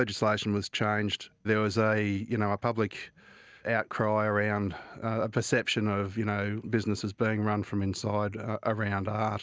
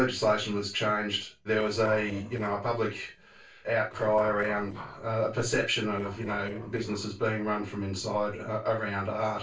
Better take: first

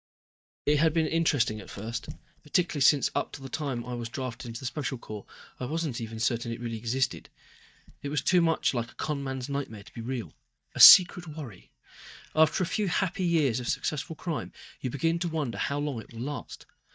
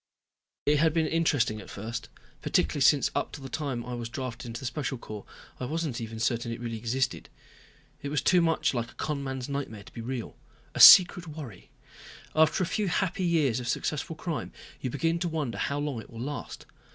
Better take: second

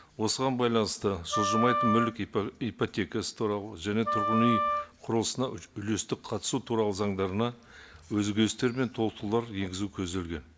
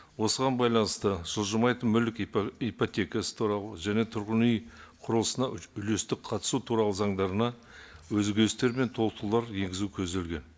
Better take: second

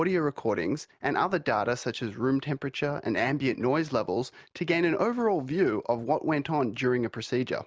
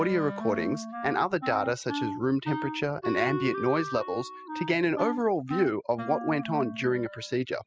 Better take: first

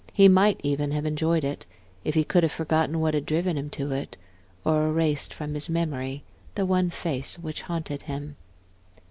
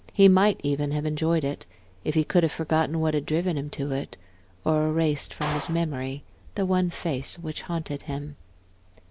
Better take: first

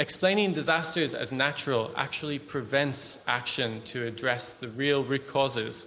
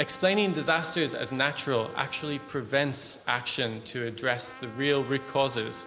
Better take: first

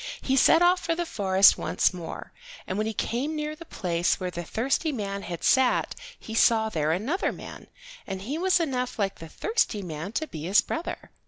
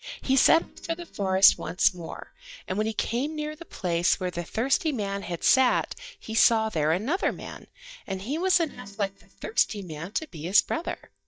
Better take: first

